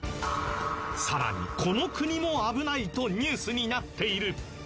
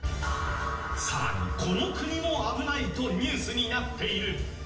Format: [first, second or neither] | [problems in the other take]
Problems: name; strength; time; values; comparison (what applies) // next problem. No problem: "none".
first | room echo; dies away in 0.7 s